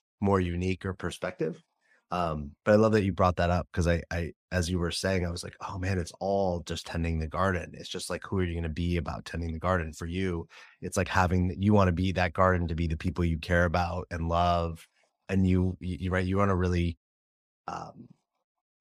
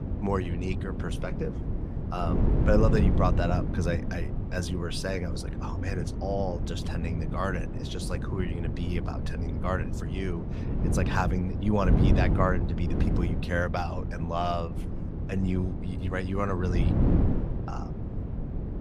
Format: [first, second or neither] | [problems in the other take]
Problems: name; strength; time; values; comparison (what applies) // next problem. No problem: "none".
first | wind noise on the microphone; heavy; 6 dB below the speech